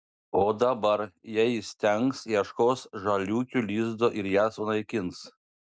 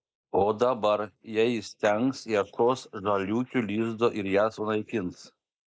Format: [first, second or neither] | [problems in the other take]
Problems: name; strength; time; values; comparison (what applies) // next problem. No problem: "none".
first | noise reduction (neural mask model Resemble Enhance denoiser)